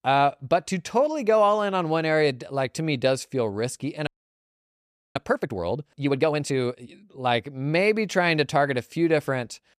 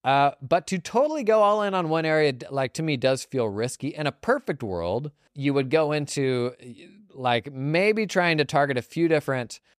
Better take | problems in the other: second | audio freezing; at 4 s for 1 s

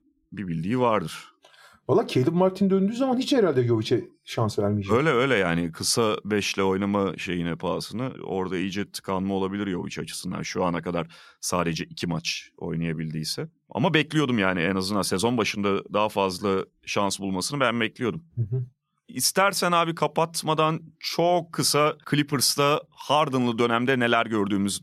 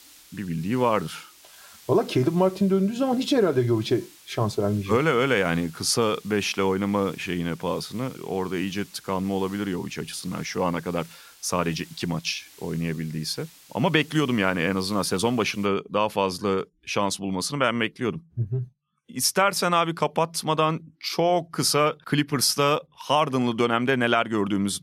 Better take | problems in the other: first | hiss; faint; until 16 s; 25 dB below the speech

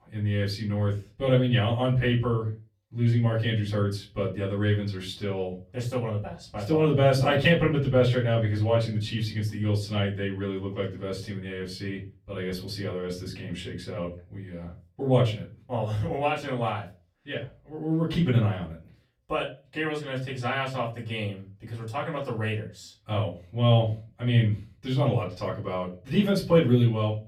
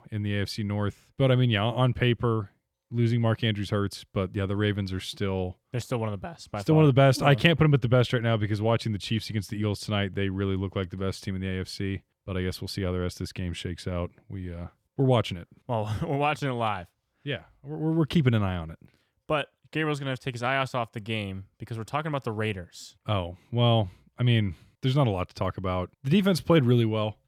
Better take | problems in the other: second | off-mic speech; far // room echo; very slight; dies away in 0.3 s

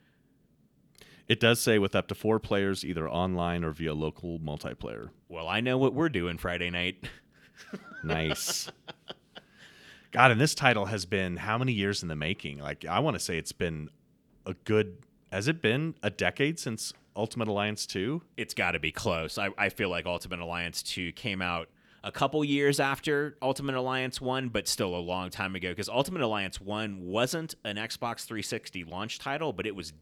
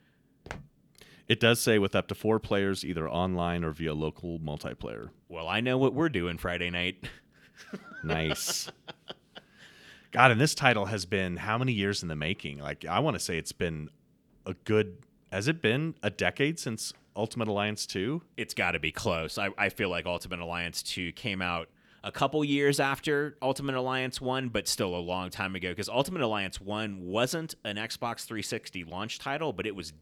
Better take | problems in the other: first | footsteps; faint; at 0.5 s; peak 15 dB below the speech

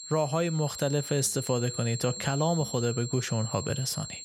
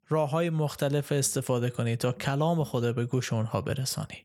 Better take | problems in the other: second | high-pitched whine; loud; throughout; 7.5 kHz, 8 dB below the speech

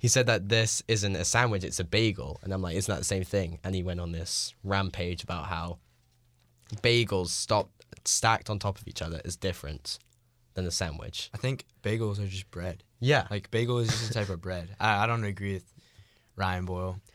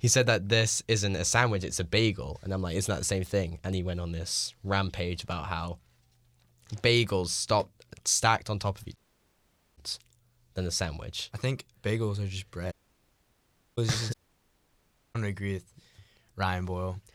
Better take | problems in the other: first | audio cutting out; at 9 s for 1 s, at 13 s for 1 s and at 14 s for 1 s

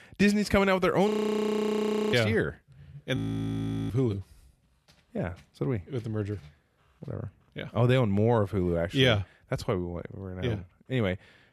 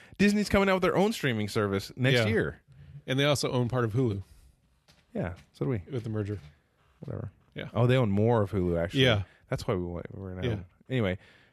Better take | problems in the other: second | audio freezing; at 1 s for 1 s and at 3 s for 0.5 s

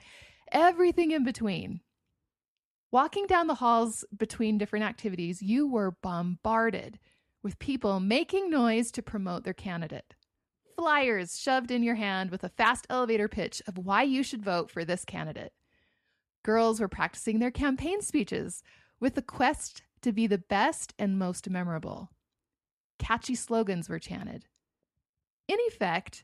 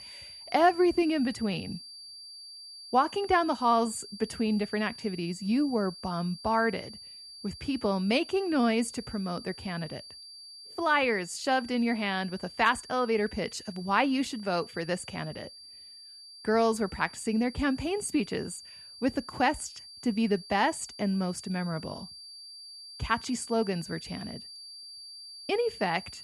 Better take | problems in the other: first | high-pitched whine; noticeable; throughout; 4.5 kHz, 15 dB below the speech

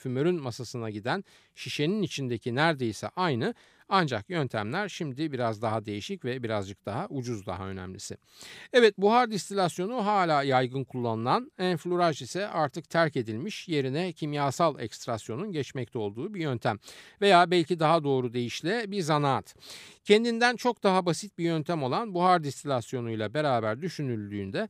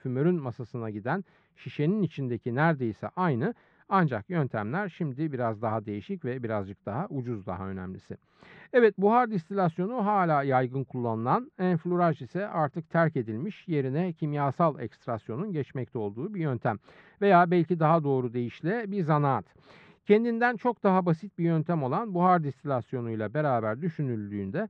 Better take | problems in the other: first | muffled; very; fading above 1.5 kHz

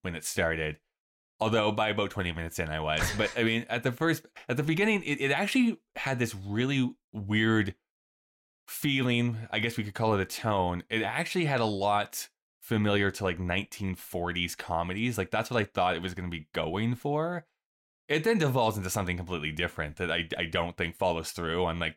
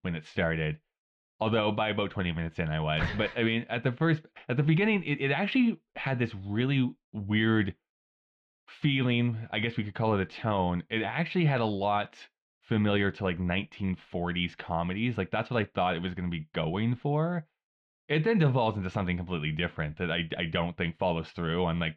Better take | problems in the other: first | muffled; slightly; fading above 3.5 kHz

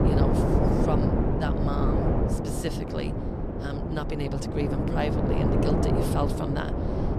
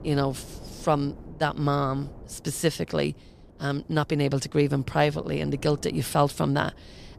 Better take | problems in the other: second | wind noise on the microphone; heavy; 3 dB above the speech; occasional gusts in the second

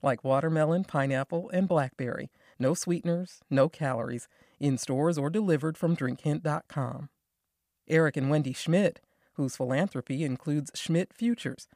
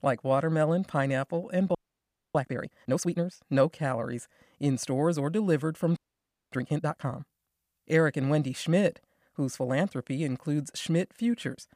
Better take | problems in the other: first | audio freezing; at 2 s for 0.5 s and at 6 s for 0.5 s

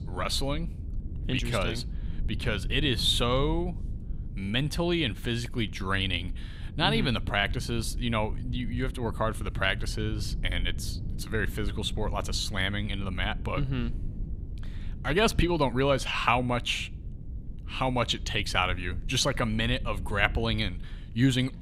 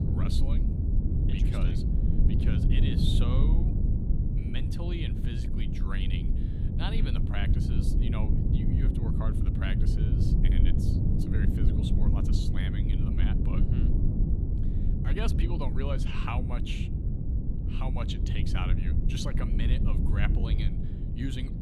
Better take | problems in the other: first | low rumble; loud; throughout; as loud as the speech; faint in the first

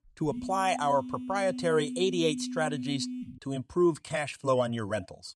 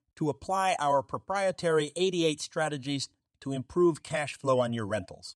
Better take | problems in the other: second | phone ringing; noticeable; until 3.5 s; peak 7 dB below the speech

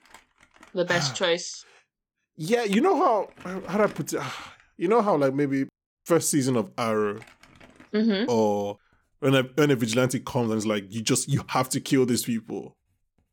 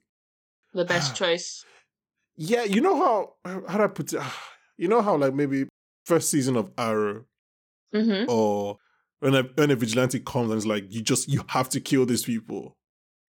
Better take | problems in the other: second | household noises; faint; throughout; 25 dB below the speech

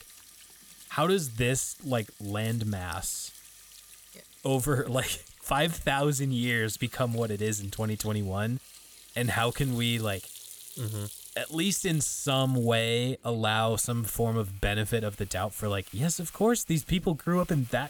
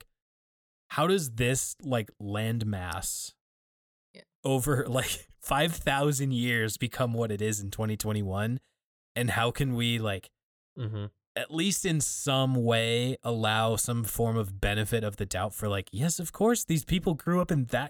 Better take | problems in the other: second | household noises; noticeable; throughout; 20 dB below the speech

